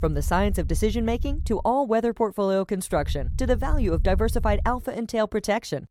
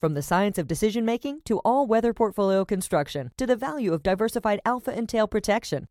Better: second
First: low rumble; faint; until 1.5 s and from 3 to 4.5 s; 25 dB below the speech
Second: none

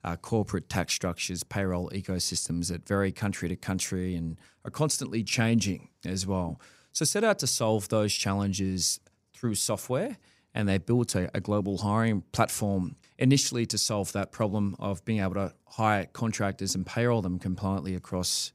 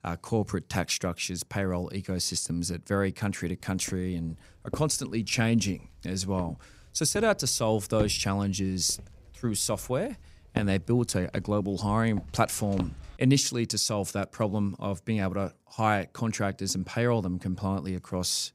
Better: first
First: none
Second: footsteps; noticeable; from 4 to 13 s; peak 8 dB below the speech

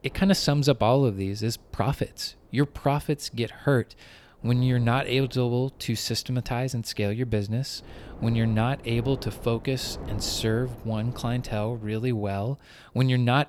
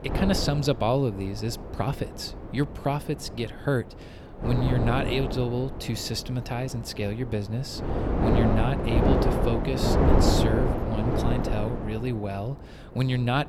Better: first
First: wind noise on the microphone; occasional gusts; 15 dB below the speech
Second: wind noise on the microphone; heavy; 2 dB above the speech

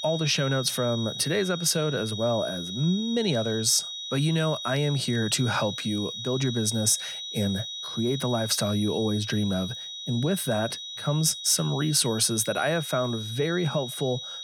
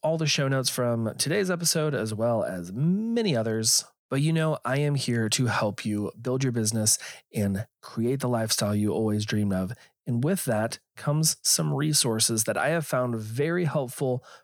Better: second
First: high-pitched whine; loud; throughout; 4 kHz, 8 dB below the speech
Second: none

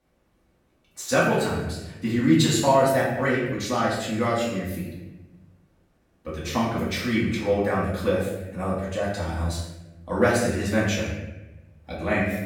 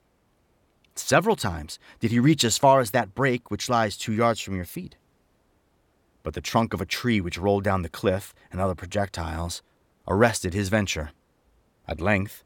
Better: second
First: off-mic speech; far // room echo; noticeable; dies away in 0.9 s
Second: none

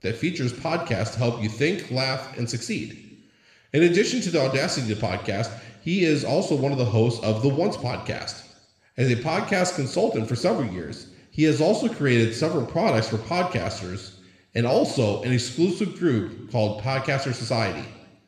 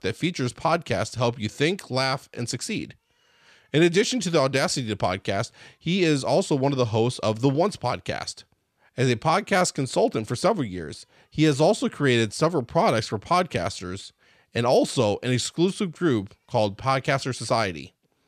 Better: second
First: room echo; slight; dies away in 0.9 s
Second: none

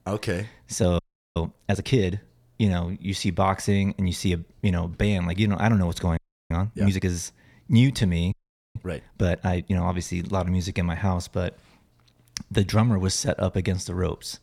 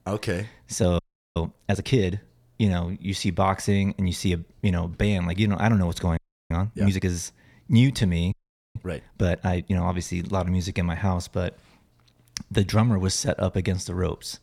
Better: neither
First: audio freezing; at 1 s, at 6 s and at 8.5 s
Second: audio freezing; at 1 s, at 6 s and at 8.5 s

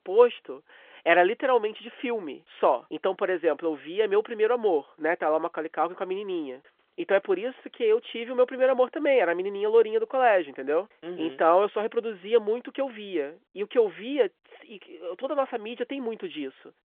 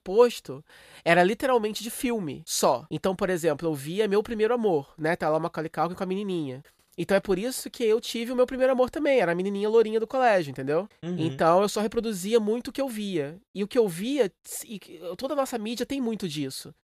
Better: second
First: phone-call audio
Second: none

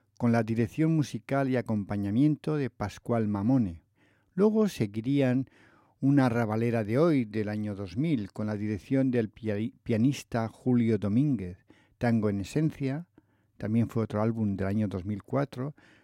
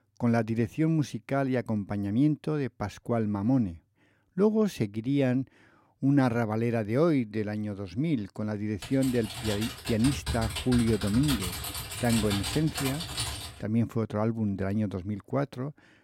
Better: first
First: none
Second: keyboard typing; noticeable; from 9 to 14 s; peak 2 dB below the speech

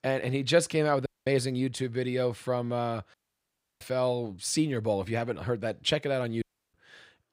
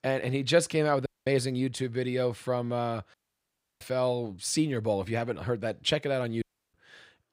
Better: neither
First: audio cutting out; at 1 s, at 3 s for 0.5 s and at 6.5 s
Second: audio cutting out; at 1 s, at 3 s for 0.5 s and at 6.5 s

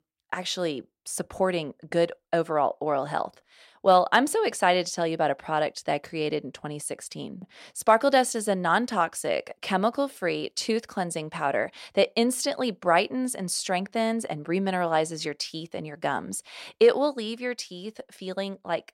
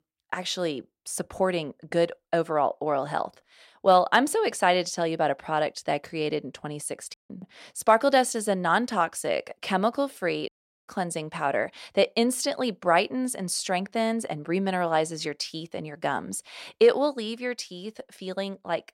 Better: first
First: none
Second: audio cutting out; at 7 s and at 10 s

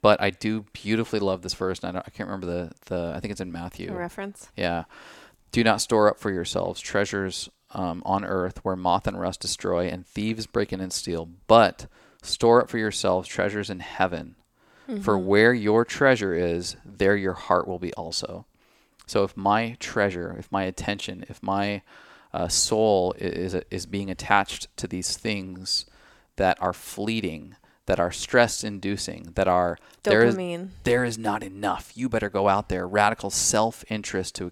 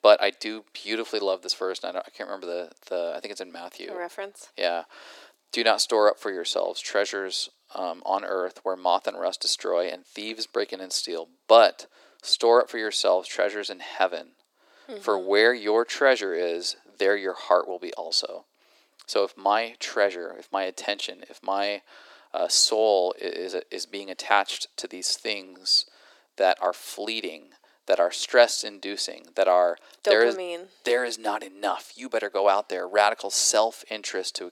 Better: first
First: none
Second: thin; very; fading below 300 Hz

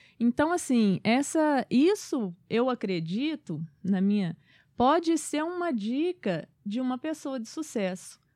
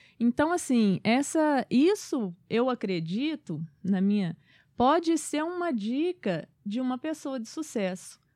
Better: neither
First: none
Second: none

